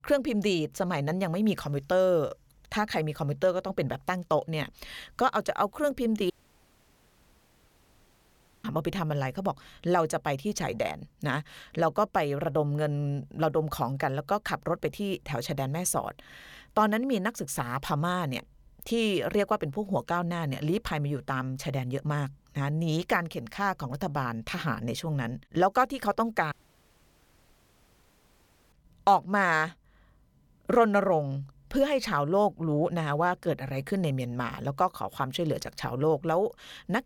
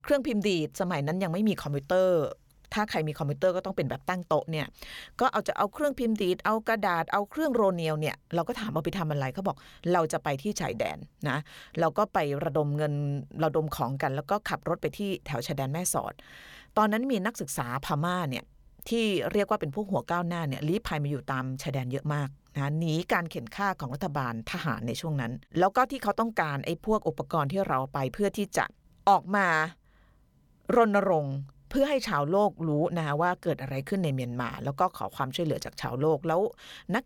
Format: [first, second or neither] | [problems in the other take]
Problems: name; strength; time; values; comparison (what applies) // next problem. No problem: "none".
second | audio cutting out; at 6.5 s for 2.5 s and at 27 s for 2 s